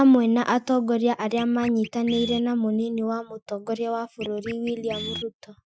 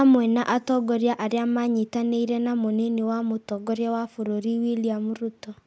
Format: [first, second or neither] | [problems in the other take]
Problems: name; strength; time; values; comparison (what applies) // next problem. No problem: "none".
second | noise reduction (classical method Wiener filter)